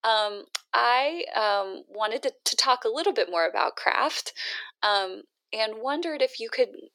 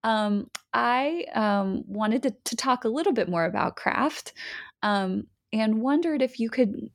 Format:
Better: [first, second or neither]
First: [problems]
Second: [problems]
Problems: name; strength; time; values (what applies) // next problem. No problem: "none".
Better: second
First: thin; very; fading below 400 Hz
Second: none